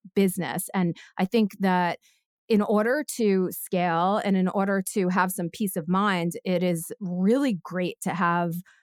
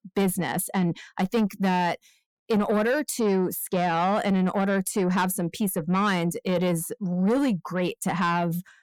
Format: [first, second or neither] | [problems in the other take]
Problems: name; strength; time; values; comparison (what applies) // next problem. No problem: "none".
first | distortion; slight; 10 dB below the speech